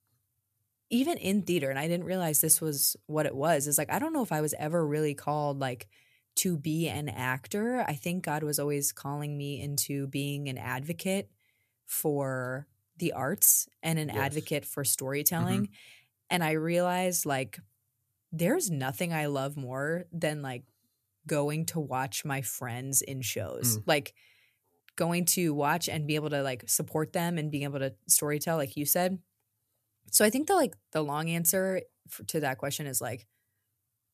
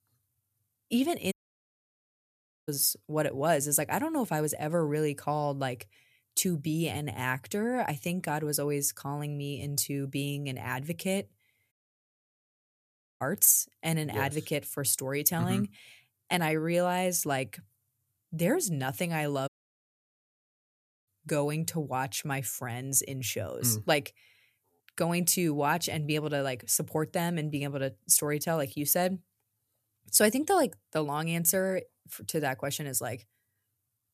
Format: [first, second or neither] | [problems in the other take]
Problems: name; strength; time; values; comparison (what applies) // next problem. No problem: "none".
first | audio cutting out; at 1.5 s for 1.5 s, at 12 s for 1.5 s and at 19 s for 1.5 s